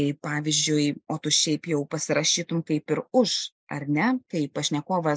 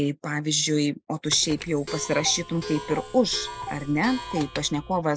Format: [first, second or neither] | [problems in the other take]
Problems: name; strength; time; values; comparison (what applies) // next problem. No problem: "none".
first | background sound (Clock); 11 dB below the speech